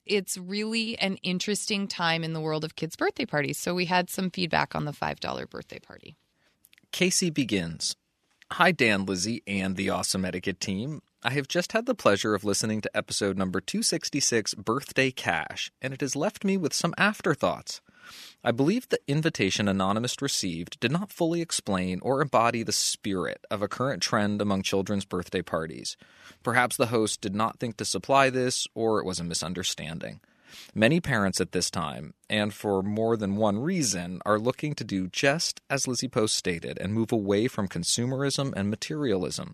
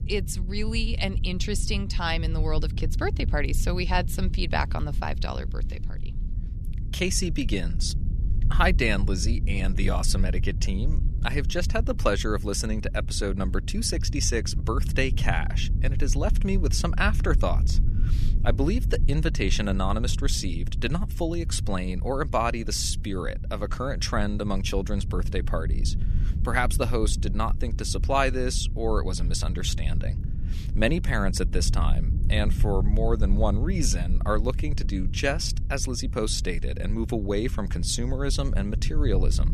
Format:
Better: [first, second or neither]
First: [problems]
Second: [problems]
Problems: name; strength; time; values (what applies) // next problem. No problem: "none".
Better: first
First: none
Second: low rumble; noticeable; throughout; 15 dB below the speech